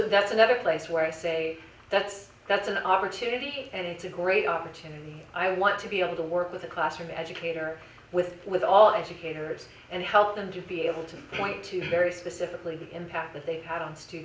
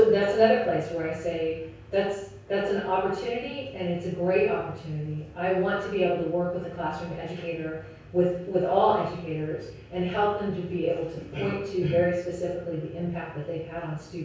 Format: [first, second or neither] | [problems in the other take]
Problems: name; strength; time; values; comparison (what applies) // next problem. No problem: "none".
first | room echo; dies away in 0.6 s